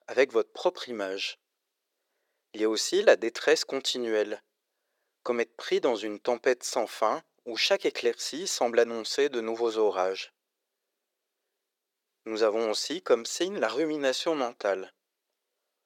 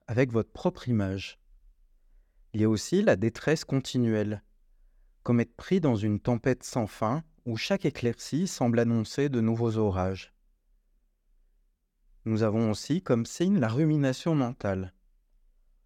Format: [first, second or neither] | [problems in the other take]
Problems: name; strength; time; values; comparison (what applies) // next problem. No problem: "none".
second | thin; very; fading below 400 Hz